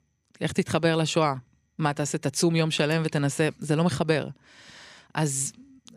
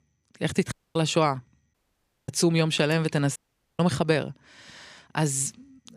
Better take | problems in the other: first | audio cutting out; at 0.5 s, at 1.5 s for 0.5 s and at 3.5 s

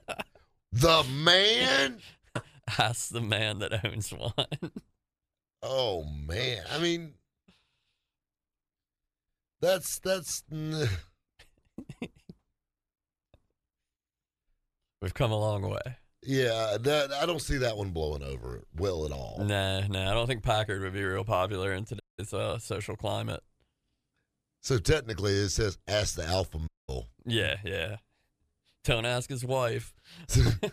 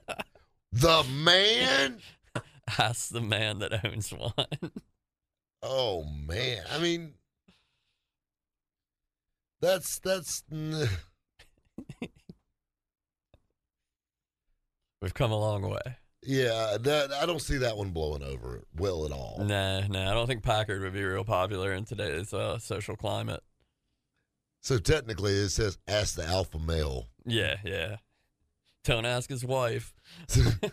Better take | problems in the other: second | audio cutting out; at 22 s and at 27 s

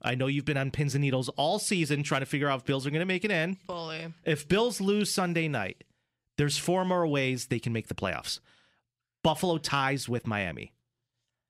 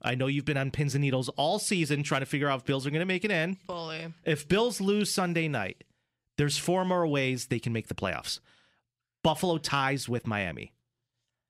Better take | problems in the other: neither | none

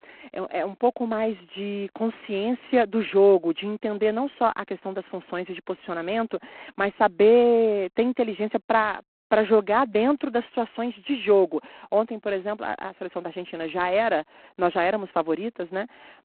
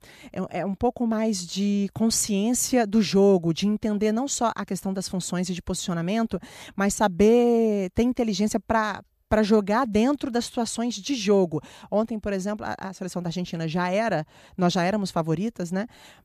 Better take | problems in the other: second | phone-call audio; poor line; nothing above 4 kHz

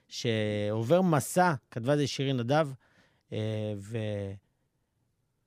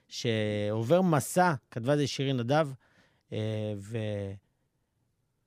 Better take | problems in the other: neither | none

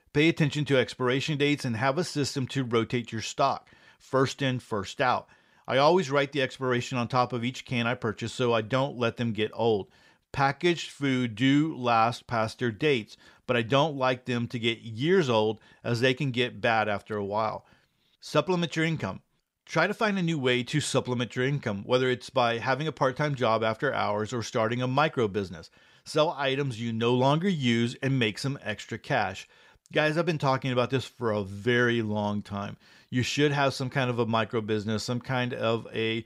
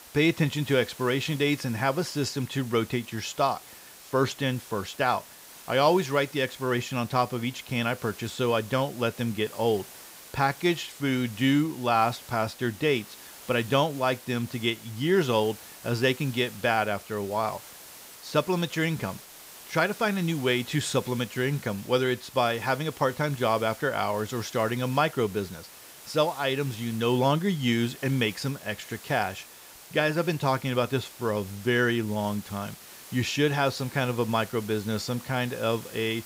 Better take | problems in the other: first | hiss; noticeable; throughout; 15 dB below the speech

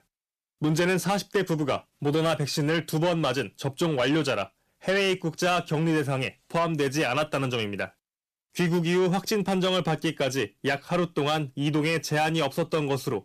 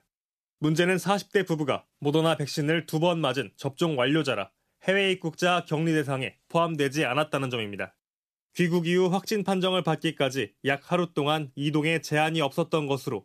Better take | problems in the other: second | distortion; slight; 10 dB below the speech

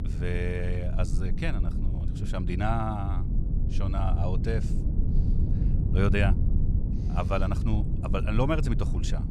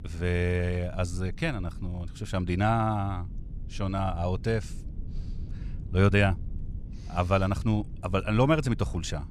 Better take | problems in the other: second | low rumble; loud; throughout; 9 dB below the speech; faint in the second

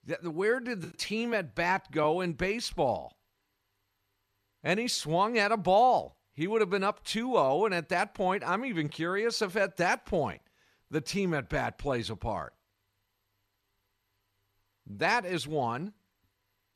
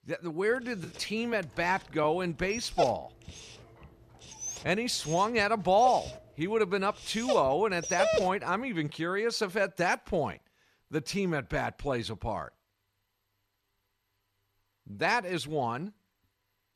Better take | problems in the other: first | dog barking; loud; from 2.5 to 8 s; peak 2 dB above the speech

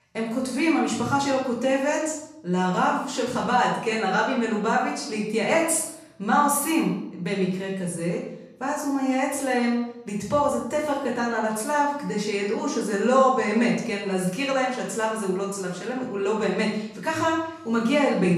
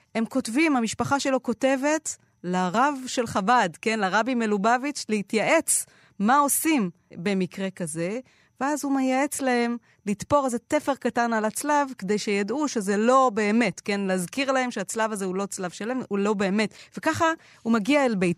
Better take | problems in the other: second | room echo; noticeable; dies away in 0.7 s // off-mic speech; far

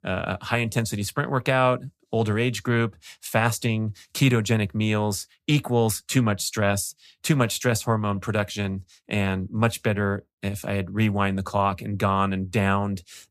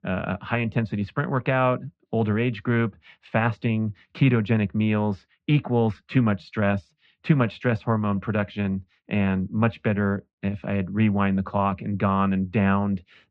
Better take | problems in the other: first | muffled; very; fading above 3 kHz

